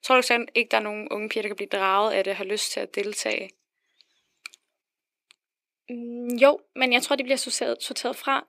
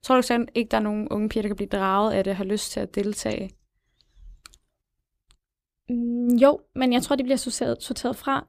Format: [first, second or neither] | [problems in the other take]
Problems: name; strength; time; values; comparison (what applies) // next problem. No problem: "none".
second | thin; somewhat; fading below 350 Hz